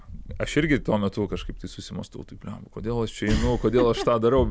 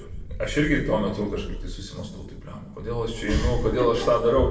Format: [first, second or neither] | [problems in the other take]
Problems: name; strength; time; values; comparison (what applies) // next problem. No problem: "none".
first | room echo; dies away in 0.8 s